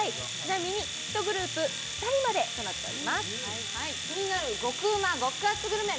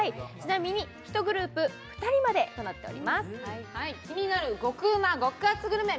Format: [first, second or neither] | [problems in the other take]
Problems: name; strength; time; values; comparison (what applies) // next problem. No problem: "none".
second | background sound (Domestic sounds, home sounds); 4 dB below the speech